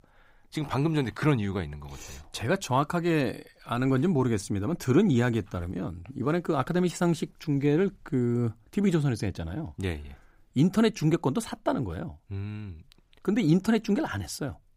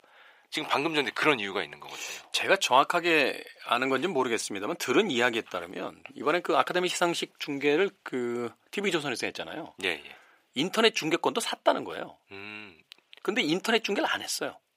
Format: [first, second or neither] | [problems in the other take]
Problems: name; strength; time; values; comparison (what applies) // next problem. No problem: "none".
first | thin; very; fading below 550 Hz